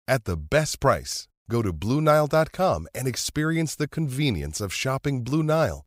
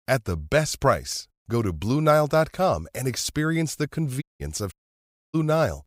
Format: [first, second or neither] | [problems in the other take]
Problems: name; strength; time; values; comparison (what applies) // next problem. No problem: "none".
first | audio cutting out; at 4 s and at 4.5 s for 0.5 s